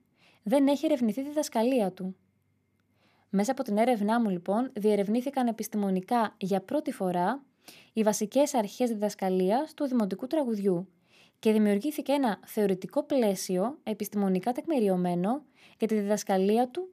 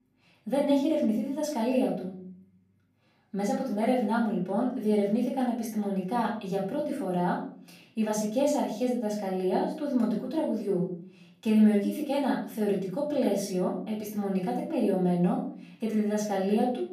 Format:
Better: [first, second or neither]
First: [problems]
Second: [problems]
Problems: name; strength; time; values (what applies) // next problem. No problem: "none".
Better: first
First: none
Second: off-mic speech; far // room echo; noticeable; dies away in 0.6 s